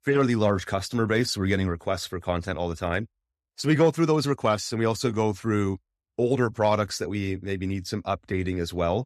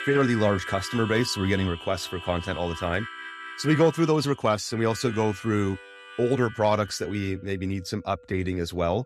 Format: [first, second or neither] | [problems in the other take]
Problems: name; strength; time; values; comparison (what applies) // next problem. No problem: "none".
first | background music; noticeable; throughout; 10 dB below the speech